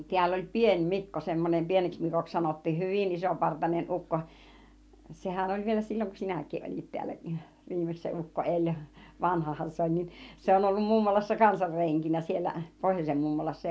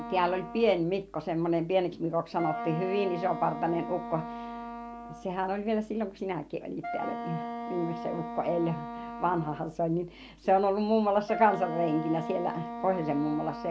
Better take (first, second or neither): first